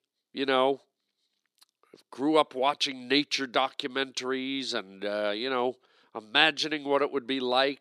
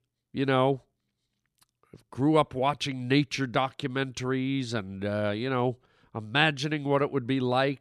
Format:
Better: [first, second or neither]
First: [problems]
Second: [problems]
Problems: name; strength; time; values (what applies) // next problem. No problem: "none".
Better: second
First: thin; very slightly; fading below 300 Hz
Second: none